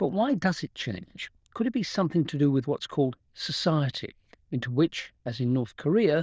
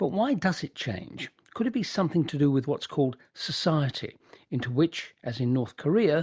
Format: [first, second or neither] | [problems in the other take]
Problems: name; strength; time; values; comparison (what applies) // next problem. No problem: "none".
second | noise reduction (neural diffusion model UNIVERSE++)